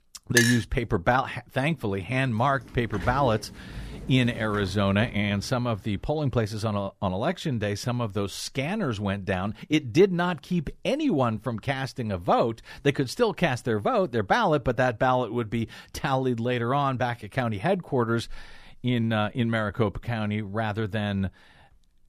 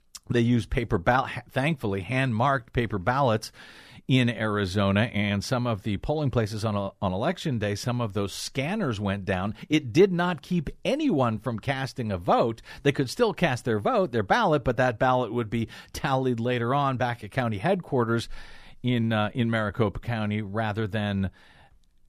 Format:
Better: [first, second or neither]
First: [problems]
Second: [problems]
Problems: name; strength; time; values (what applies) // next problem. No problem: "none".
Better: second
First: clattering dishes; loud; at 0.5 s; peak 3 dB above the speech // door banging; noticeable; from 2 to 5.5 s; peak 9 dB below the speech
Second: none